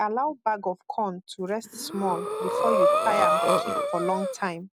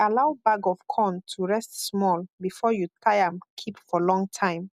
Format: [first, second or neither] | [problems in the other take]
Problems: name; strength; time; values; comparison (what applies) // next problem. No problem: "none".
second | background sound (Breathing); 4 dB above the speech